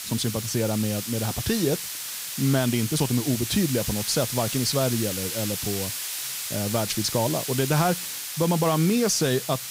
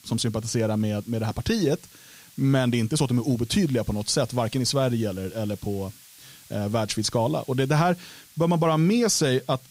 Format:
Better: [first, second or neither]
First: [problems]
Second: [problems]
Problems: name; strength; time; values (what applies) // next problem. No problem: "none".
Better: second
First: hiss; loud; throughout; 4 dB below the speech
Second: hiss; faint; throughout; 25 dB below the speech